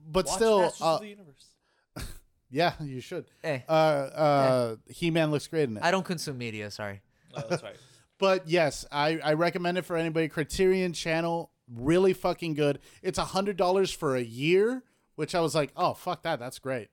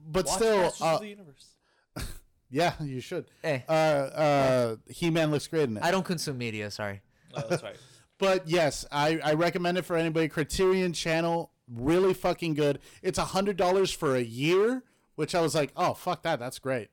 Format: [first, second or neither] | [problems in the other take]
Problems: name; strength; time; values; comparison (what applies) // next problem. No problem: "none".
first | distortion; slight; 8% of the sound clipped